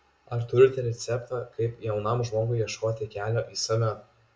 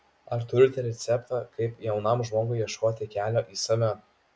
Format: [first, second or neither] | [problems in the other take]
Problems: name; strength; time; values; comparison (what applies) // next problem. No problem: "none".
second | room echo; dies away in 0.3 s